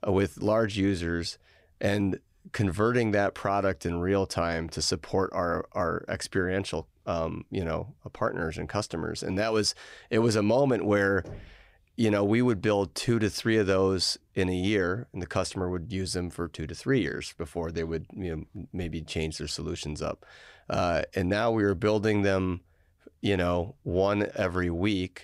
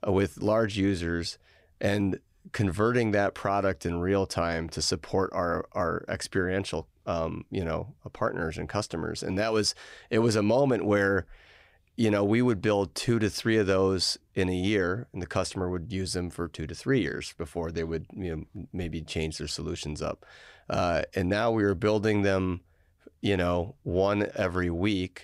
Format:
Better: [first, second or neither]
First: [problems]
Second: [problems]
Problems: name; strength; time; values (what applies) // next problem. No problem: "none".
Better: second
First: door banging; faint; at 11 s; peak 15 dB below the speech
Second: none